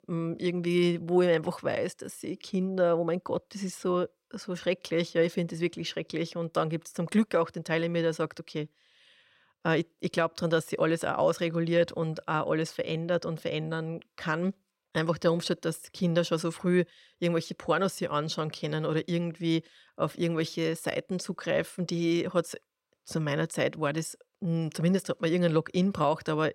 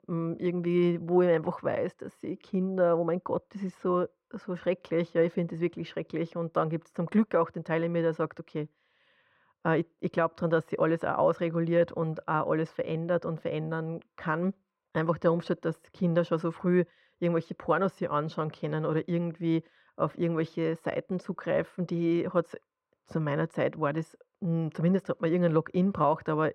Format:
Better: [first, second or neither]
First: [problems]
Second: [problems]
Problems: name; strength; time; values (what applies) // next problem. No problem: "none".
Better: first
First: none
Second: muffled; very; fading above 3 kHz